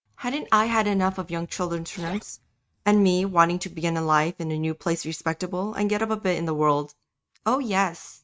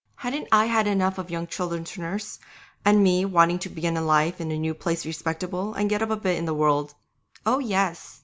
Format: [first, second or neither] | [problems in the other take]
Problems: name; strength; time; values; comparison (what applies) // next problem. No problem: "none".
second | noise reduction (neural mask model RNNoise)